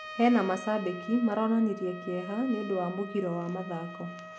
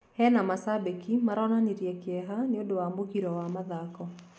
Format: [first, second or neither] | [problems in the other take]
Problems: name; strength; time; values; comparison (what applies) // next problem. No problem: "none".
second | background sound (Trumpet); 14 dB below the speech